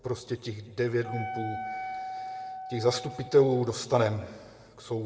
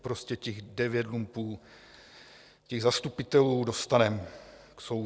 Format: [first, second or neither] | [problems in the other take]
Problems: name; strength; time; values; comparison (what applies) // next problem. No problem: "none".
second | background sound (Wind instrument, woodwind instrument); 9 dB below the speech // room echo; dies away in 1 s